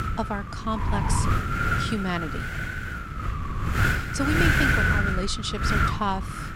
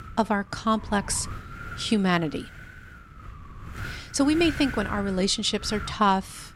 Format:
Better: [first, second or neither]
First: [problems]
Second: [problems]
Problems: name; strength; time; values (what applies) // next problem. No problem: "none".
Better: second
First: wind noise on the microphone; heavy; 5 dB above the speech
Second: wind noise on the microphone; occasional gusts; 15 dB below the speech